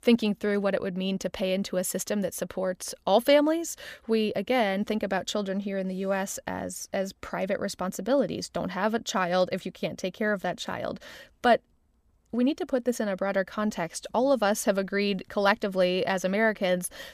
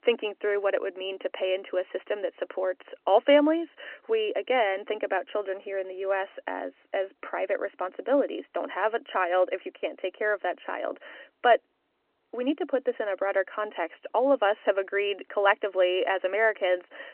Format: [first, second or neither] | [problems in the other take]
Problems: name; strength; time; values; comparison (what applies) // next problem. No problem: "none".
first | phone-call audio; nothing above 3 kHz